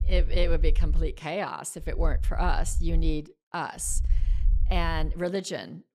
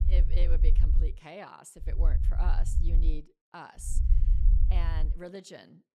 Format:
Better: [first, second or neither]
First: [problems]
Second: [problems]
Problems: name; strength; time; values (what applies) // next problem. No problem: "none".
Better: first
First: low rumble; faint; until 1 s, from 2 to 3 s and from 4 to 5 s; 20 dB below the speech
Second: low rumble; loud; until 1 s, from 2 to 3 s and from 4 to 5 s; 6 dB below the speech